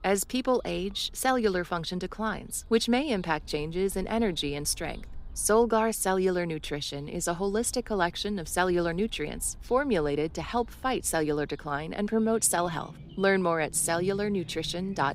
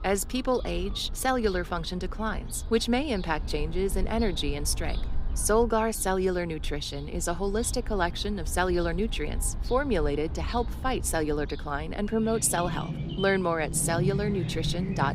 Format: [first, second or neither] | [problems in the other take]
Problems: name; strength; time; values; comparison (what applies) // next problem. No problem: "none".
first | animal sounds; loud; throughout; 8 dB below the speech; faint in the first